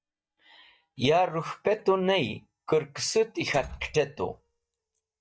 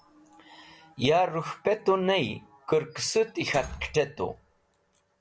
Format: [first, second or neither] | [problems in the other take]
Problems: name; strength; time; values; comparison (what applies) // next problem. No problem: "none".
second | noise reduction (neural mask model DeepFilterNet 3)